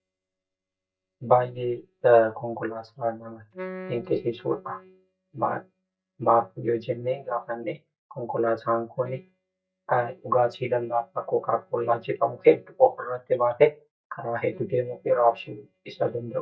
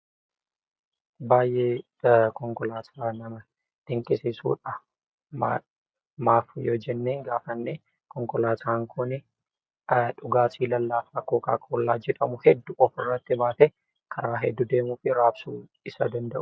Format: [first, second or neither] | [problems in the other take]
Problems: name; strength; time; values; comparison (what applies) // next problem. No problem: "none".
second | noise reduction (neural mask model DeepFilterNet 3)